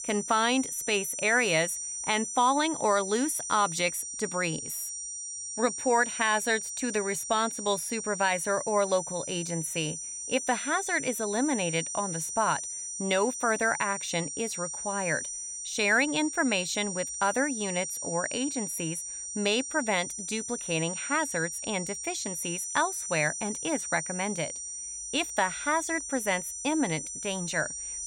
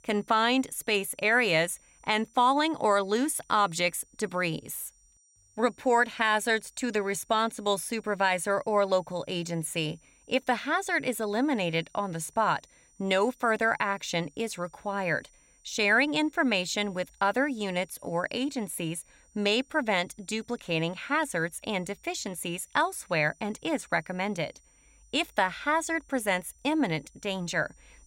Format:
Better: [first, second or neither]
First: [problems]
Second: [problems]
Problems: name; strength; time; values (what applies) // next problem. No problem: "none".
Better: second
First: high-pitched whine; loud; throughout; 5.5 kHz, 5 dB below the speech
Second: high-pitched whine; faint; throughout; 5.5 kHz, 30 dB below the speech